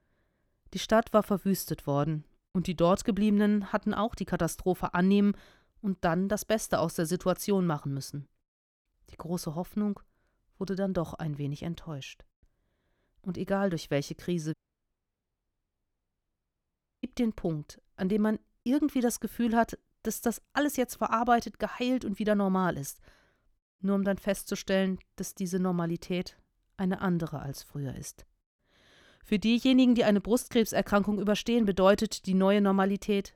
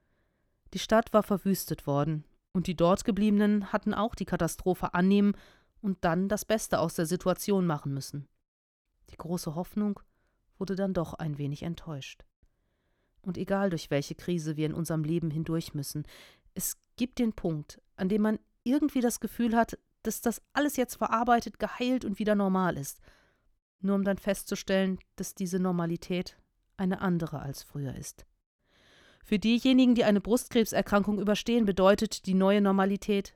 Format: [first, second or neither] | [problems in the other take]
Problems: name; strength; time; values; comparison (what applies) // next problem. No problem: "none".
second | audio cutting out; at 15 s for 2.5 s